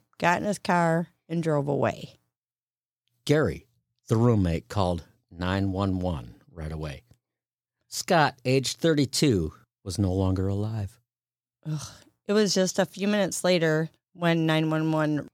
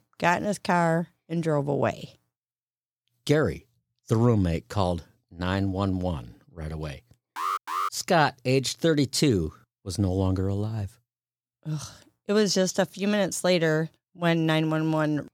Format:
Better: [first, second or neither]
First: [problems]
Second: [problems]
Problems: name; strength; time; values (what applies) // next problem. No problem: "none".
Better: first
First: none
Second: alarm; noticeable; at 7.5 s; peak 3 dB below the speech